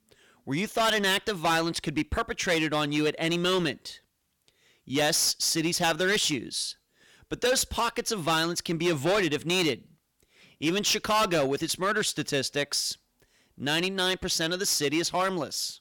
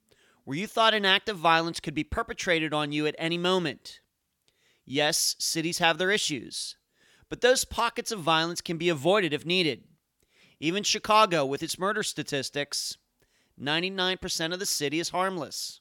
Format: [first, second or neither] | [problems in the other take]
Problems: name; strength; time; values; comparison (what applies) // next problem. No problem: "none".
second | distortion; heavy; 8% of the sound clipped